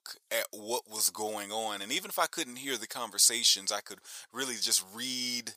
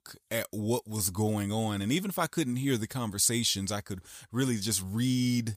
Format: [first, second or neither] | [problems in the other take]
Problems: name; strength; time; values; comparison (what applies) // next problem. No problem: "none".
second | thin; very; fading below 650 Hz